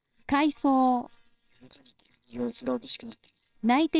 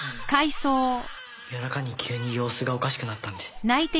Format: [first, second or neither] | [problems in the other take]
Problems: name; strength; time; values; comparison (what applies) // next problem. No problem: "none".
second | noise reduction (neural separator model SepFormer WHAMR!)